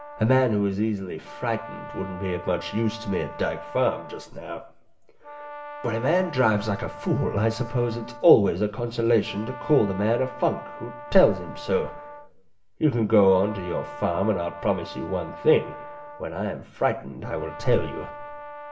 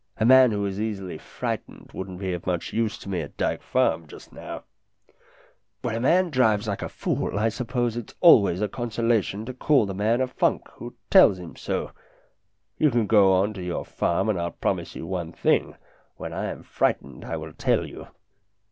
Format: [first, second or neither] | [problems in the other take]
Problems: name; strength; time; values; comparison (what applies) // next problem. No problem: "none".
second | background sound (Brass instrument); 15 dB below the speech // room echo; dies away in 0.7 s